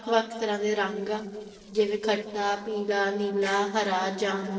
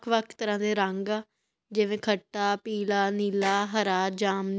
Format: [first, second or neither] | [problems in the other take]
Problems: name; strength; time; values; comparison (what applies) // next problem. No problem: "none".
second | noise reduction (neural separator model SepFormer DNS4)